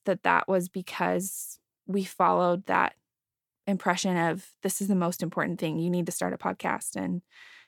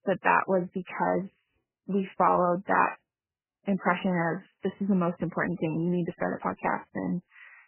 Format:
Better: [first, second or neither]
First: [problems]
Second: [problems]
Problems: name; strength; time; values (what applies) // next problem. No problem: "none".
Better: first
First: none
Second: garbled, watery; badly; nothing above 3 kHz